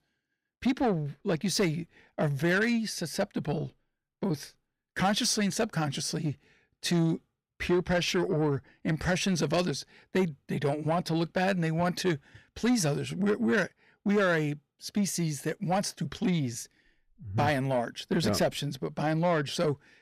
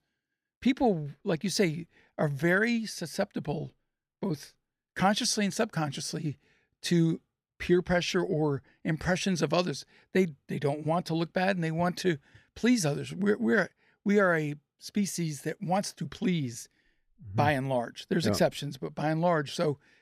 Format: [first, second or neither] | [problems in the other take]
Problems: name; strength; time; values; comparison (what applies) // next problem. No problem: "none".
second | distortion; slight; 10 dB below the speech